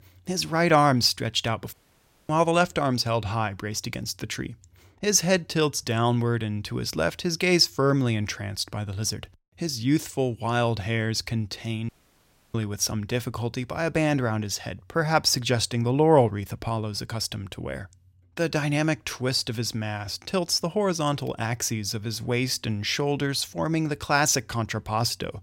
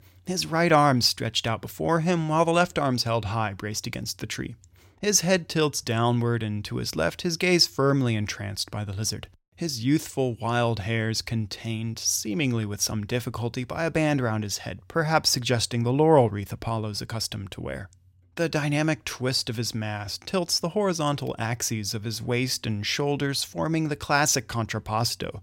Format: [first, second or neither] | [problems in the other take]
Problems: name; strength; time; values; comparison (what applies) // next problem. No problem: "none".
second | audio cutting out; at 1.5 s for 0.5 s and at 12 s for 0.5 s